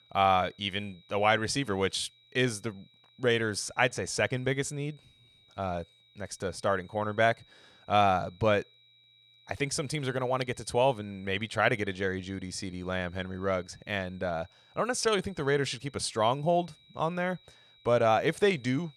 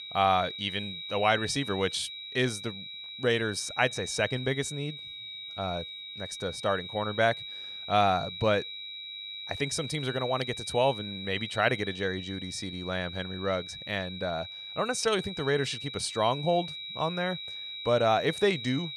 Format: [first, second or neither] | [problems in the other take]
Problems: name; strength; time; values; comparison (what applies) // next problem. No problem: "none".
first | high-pitched whine; loud; throughout; 4 kHz, 8 dB below the speech; faint in the first